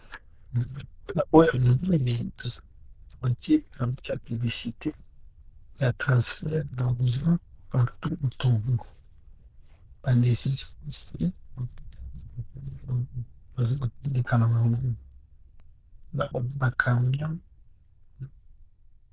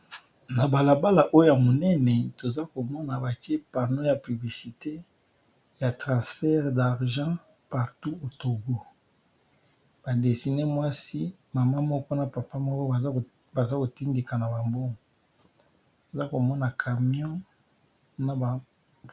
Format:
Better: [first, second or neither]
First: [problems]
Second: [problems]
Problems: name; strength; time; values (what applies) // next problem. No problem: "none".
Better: second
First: noise reduction (neural diffusion model UNIVERSE++)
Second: none